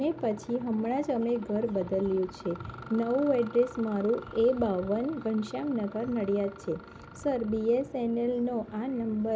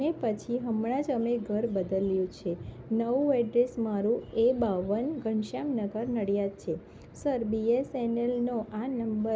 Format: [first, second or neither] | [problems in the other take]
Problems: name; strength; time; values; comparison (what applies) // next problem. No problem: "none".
second | background sound (Mechanisms); 20 dB below the speech